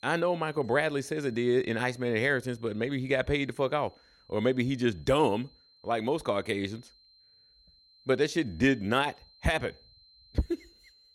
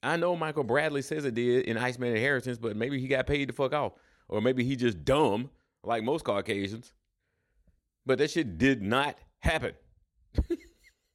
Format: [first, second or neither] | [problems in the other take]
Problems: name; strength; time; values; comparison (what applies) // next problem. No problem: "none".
second | high-pitched whine; faint; throughout; 4 kHz, 30 dB below the speech